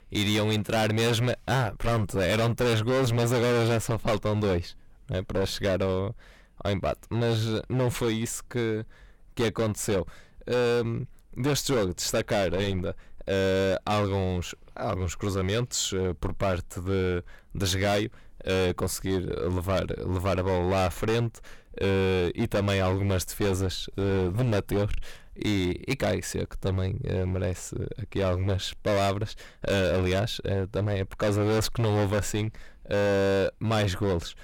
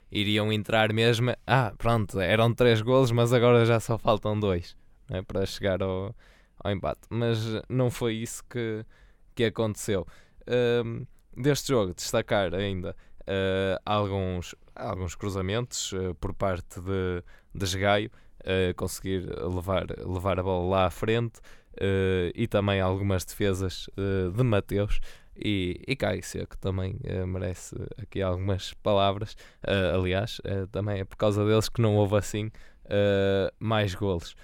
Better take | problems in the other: second | distortion; heavy; 17% of the sound clipped

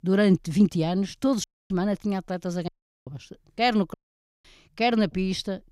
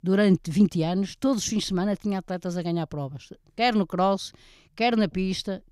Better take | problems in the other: second | audio cutting out; at 1.5 s, at 2.5 s and at 4 s for 0.5 s

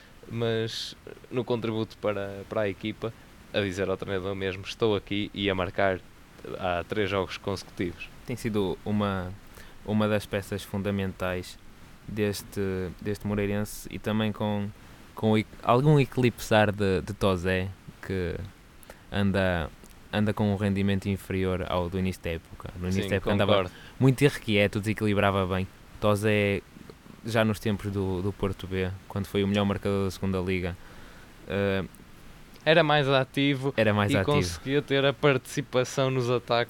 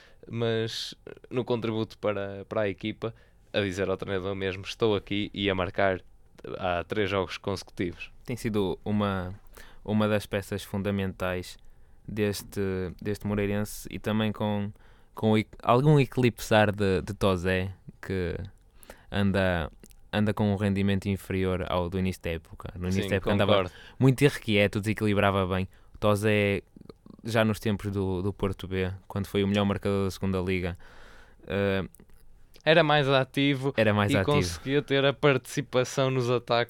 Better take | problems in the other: second | hiss; faint; throughout; 25 dB below the speech

